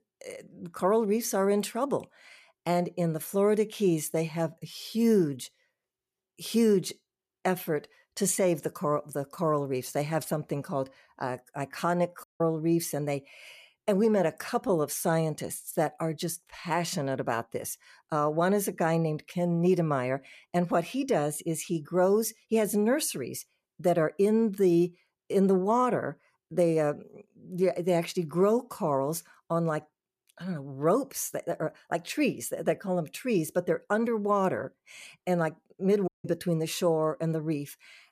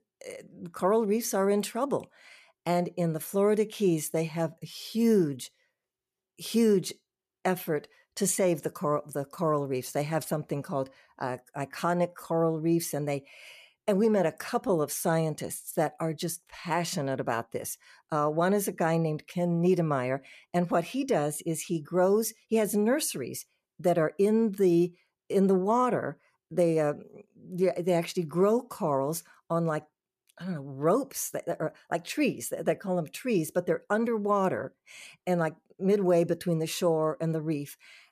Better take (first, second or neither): second